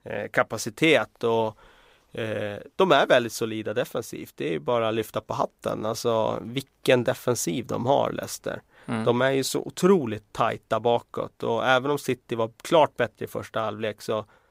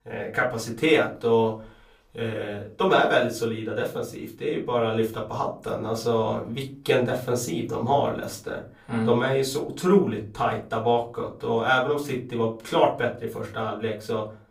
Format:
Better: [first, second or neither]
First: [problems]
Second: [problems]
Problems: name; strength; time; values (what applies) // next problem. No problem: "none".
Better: first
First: none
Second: off-mic speech; far // room echo; very slight; dies away in 0.3 s